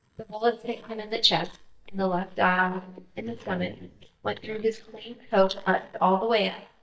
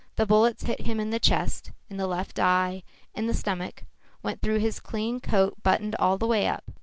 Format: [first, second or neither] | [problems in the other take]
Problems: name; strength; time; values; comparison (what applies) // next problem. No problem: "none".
second | noise reduction (neural mask model DeepFilterNet 3)